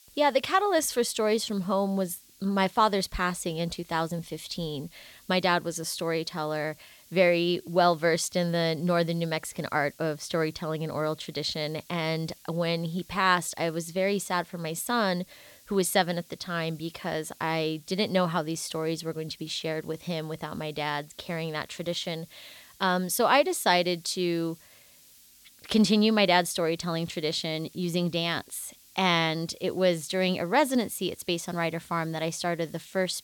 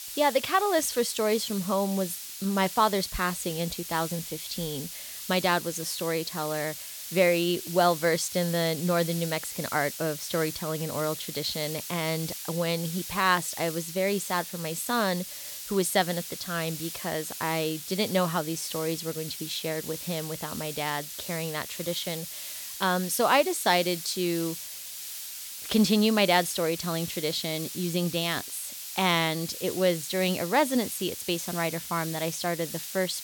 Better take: first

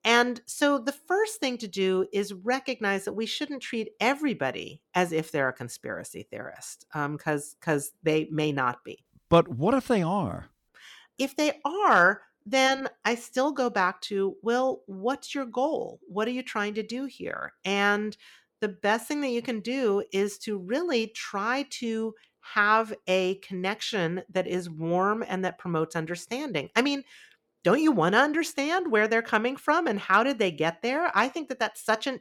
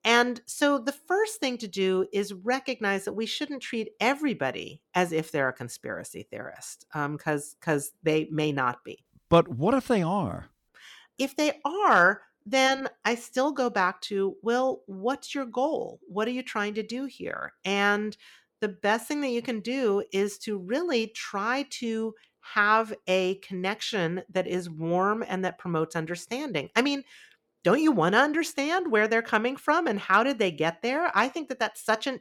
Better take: neither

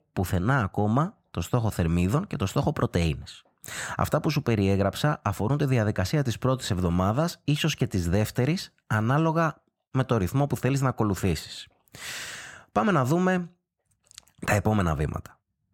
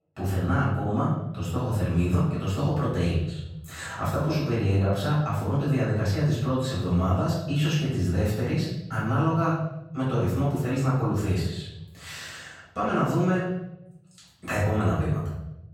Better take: first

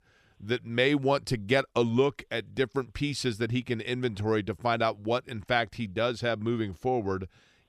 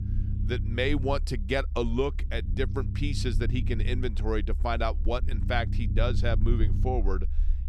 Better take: first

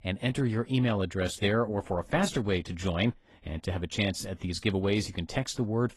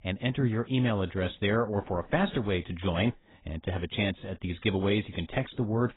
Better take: first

